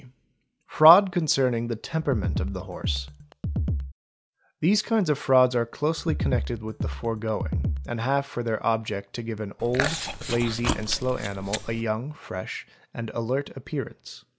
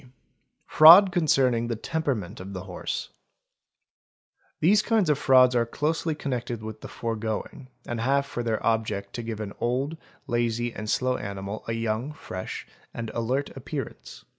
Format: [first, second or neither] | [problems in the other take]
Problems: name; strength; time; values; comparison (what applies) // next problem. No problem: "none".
second | background sound (Drum kit + Chewing, mastication); 3 dB below the speech